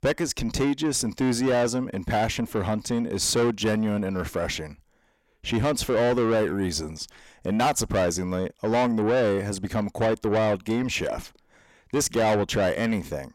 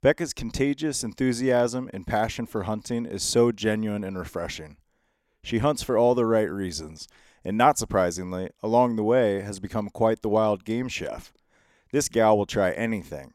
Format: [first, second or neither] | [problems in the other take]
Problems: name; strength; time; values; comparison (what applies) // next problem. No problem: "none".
second | distortion; heavy; 7 dB below the speech